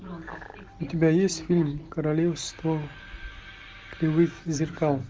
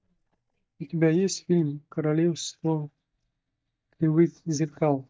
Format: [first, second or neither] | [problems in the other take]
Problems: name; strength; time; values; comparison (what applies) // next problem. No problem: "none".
first | noise reduction (neural mask model DeepFilterNet 3)